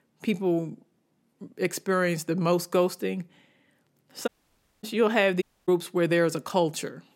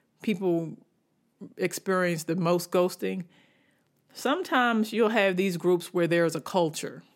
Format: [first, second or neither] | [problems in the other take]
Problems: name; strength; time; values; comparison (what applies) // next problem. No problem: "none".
second | audio cutting out; at 4.5 s for 0.5 s and at 5.5 s